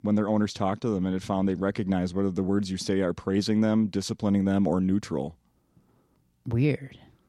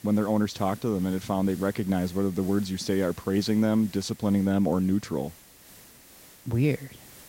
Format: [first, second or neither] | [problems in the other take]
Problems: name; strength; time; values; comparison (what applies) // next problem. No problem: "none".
first | hiss; faint; throughout; 20 dB below the speech